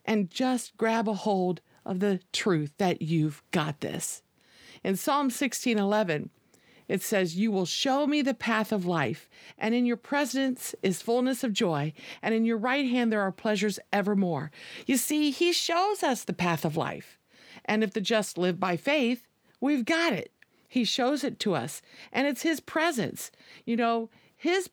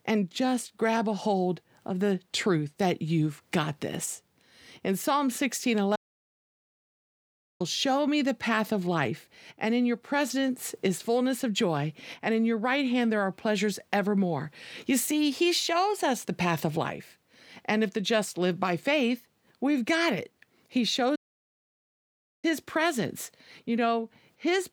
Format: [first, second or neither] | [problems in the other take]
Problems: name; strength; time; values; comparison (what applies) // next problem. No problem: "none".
first | audio cutting out; at 6 s for 1.5 s and at 21 s for 1.5 s